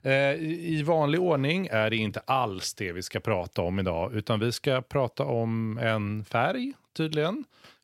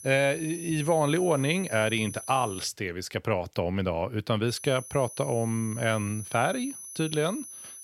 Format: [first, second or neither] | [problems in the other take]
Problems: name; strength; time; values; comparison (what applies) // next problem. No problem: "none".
first | high-pitched whine; noticeable; until 2.5 s and from 4.5 s on; 10 kHz, 10 dB below the speech